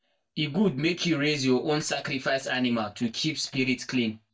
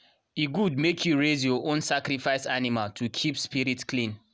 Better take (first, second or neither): second